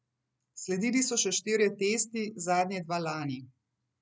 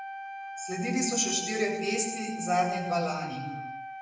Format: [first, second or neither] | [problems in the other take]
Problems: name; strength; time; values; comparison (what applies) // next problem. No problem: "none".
first | background sound (Wind instrument, woodwind instrument); 8 dB below the speech // room echo; dies away in 1 s